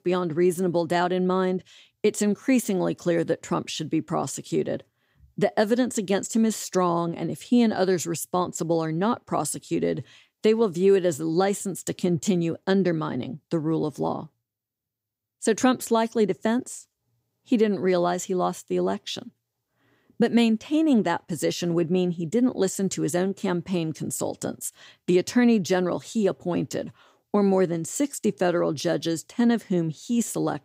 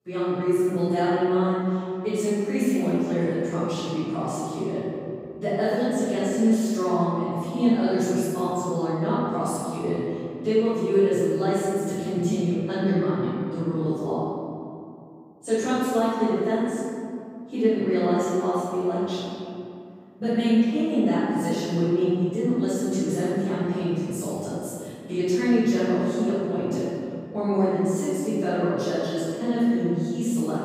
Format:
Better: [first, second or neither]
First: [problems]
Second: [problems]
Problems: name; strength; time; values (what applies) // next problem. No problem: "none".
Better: first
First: none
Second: off-mic speech; far // room echo; strong; dies away in 2.3 s